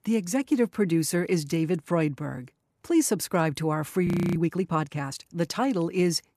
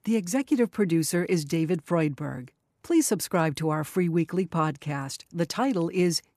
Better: second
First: audio freezing; at 4 s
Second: none

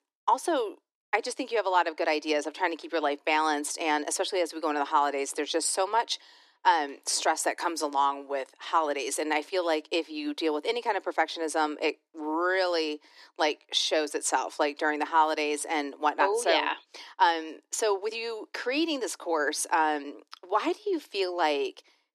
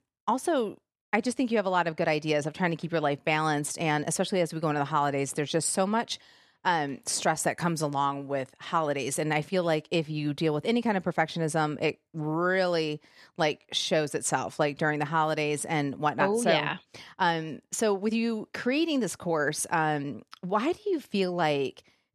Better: second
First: thin; somewhat; fading below 300 Hz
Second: none

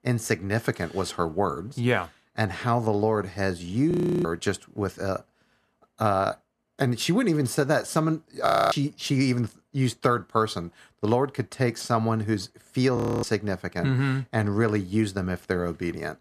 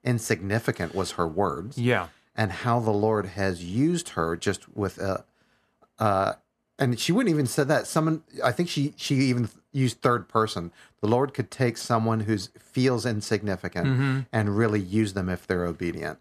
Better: second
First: audio freezing; at 4 s, at 8.5 s and at 13 s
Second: none

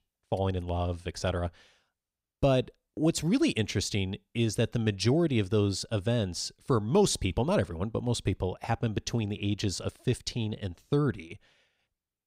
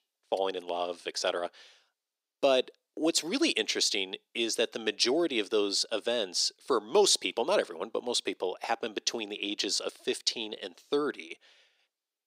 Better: first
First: none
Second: thin; somewhat; fading below 350 Hz

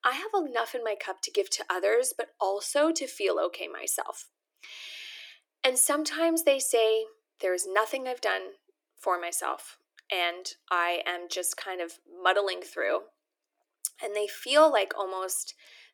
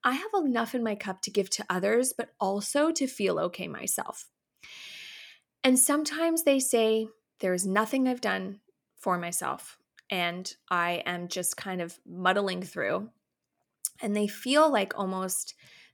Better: second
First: thin; very; fading below 300 Hz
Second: none

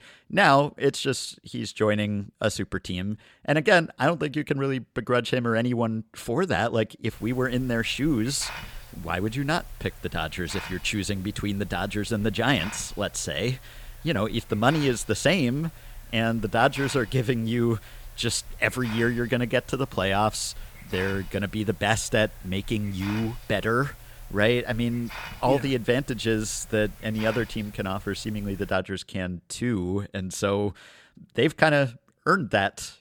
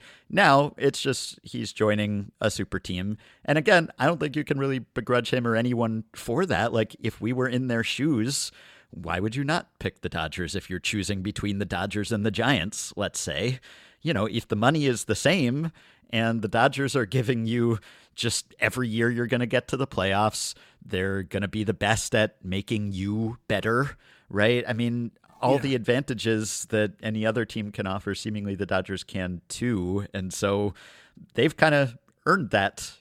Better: second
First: hiss; noticeable; from 7 to 29 s; 15 dB below the speech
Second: none

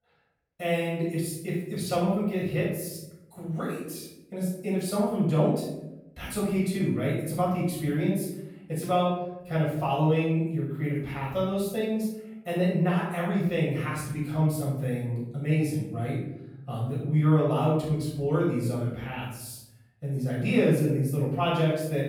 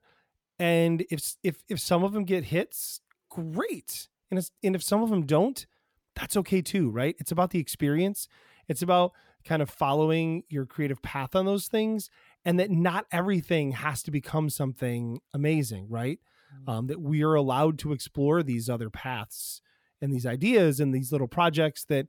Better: second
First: off-mic speech; far // room echo; noticeable; dies away in 0.8 s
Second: none

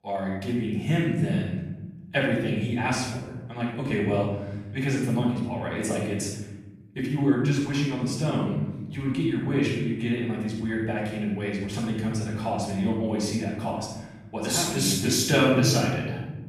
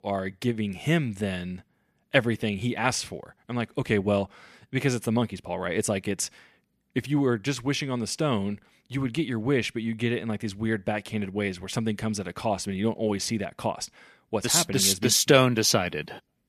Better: second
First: off-mic speech; far // room echo; noticeable; dies away in 1.5 s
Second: none

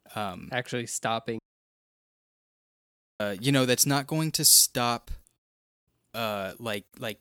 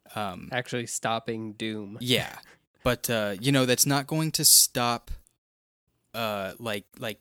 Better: second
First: audio cutting out; at 1.5 s for 2 s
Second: none

